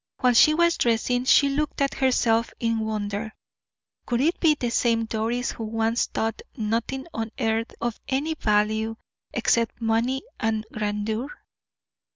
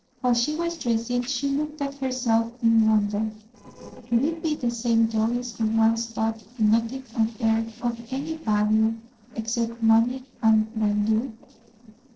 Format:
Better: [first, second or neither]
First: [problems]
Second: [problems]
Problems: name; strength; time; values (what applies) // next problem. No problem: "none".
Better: first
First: none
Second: noise reduction (neural separator model SepFormer DNS4)